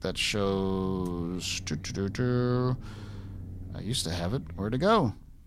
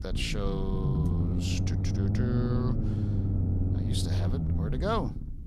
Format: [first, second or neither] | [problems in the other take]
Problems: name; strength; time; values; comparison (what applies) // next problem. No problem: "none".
first | low rumble; loud; throughout; 4 dB below the speech; faint in the first